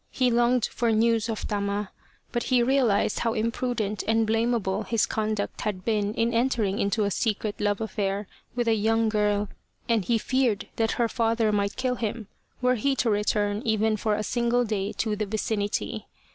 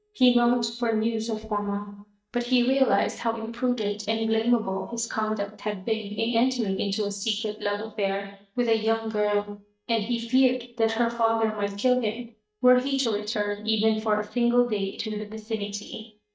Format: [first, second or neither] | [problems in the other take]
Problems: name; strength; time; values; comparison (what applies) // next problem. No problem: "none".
first | noise reduction (neural mask model DeepFilterNet 3)